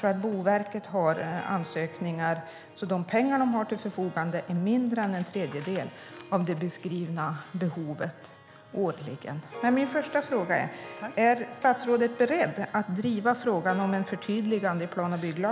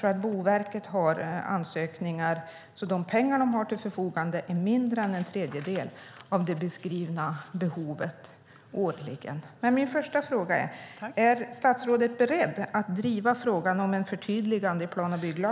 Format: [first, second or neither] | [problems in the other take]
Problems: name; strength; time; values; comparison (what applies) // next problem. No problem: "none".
second | background sound (Harp); 19 dB below the speech